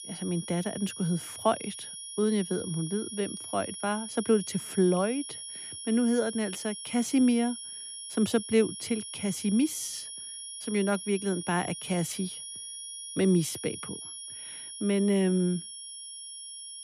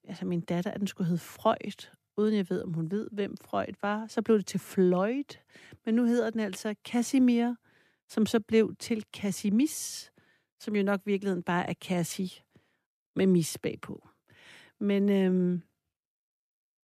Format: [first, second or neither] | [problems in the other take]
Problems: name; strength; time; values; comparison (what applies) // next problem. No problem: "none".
second | high-pitched whine; loud; throughout; 10.5 kHz, 9 dB below the speech